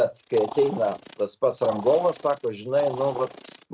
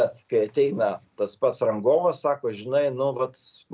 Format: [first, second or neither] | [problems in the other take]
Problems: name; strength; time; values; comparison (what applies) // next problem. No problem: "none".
second | noise reduction (neural mask model RNNoise)